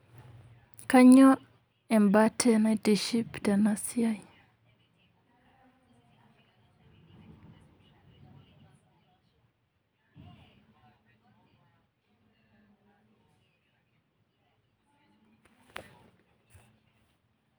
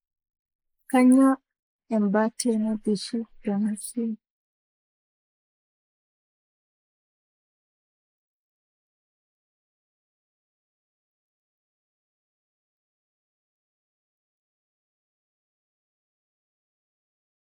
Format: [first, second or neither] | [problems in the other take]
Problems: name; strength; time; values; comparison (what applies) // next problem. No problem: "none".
first | noise reduction (neural mask model Resemble Enhance denoiser)